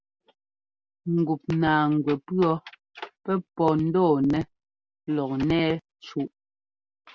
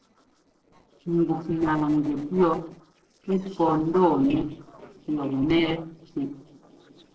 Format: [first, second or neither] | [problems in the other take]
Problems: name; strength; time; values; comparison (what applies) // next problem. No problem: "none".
first | noise reduction (neural separator model SepFormer DNS4)